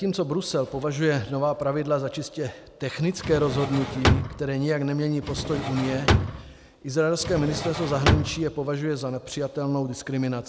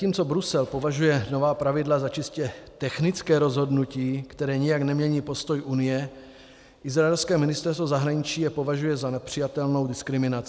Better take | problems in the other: second | background sound (Drawer open or close); 1 dB below the speech

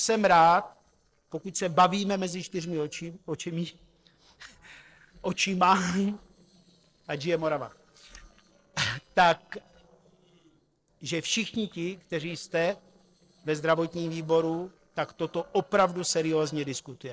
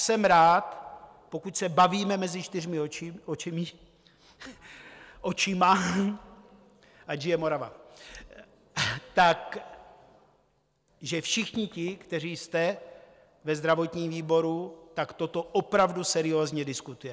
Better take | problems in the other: second | noise reduction (neural separator model SepFormer DNS4)

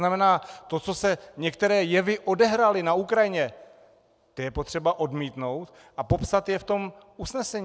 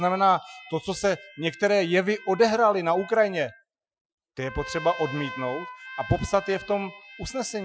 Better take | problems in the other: first | noise reduction (classical method Wiener filter)

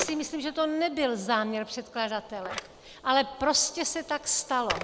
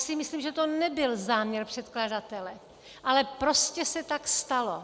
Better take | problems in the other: second | background sound (Telephone); 13 dB below the speech

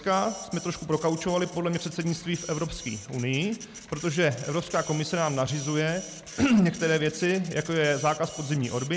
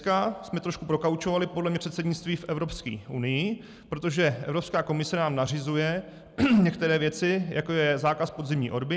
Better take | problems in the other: second | background sound (Printer); 16 dB below the speech

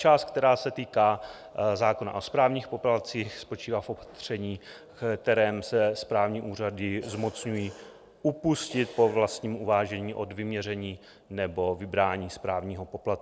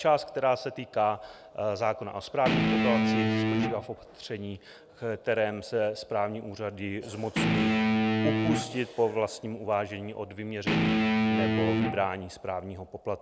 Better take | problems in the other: first | background sound (Guitar); 4 dB above the speech

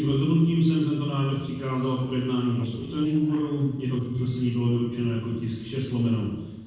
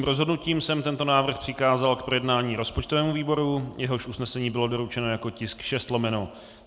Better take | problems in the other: second | noise reduction (neural separator model SepFormer DNS4)

